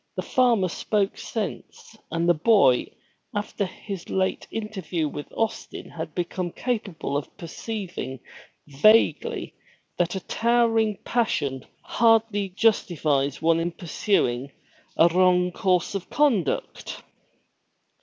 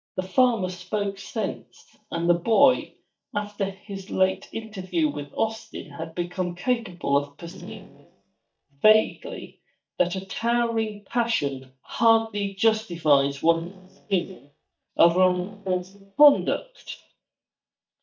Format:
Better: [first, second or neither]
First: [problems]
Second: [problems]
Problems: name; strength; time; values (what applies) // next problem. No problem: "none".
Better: first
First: none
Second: noise reduction (neural mask model DeepFilterNet 3)